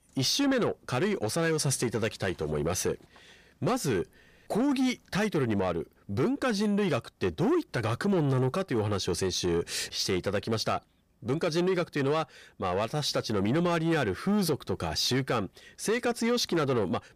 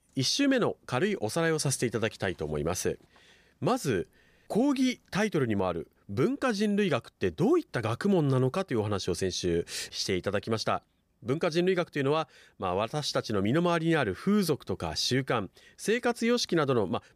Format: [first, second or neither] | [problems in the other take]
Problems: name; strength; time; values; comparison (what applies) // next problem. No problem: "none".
second | distortion; slight; 10 dB below the speech